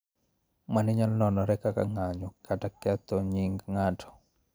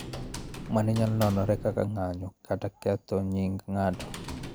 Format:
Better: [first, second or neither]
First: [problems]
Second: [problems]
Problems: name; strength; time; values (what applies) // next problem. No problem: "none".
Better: first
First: none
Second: background sound (Typing); 12 dB below the speech